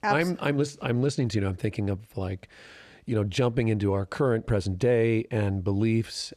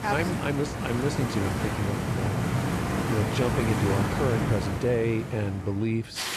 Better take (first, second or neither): first